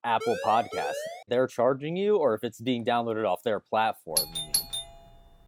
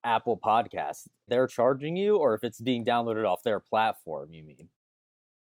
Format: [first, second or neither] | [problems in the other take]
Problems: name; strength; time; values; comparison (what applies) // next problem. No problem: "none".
second | siren; noticeable; until 1 s; peak 7 dB below the speech // doorbell; loud; at 4 s; peak 1 dB above the speech